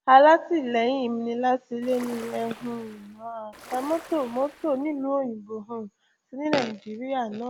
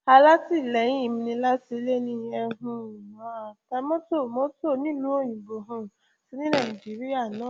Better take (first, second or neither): second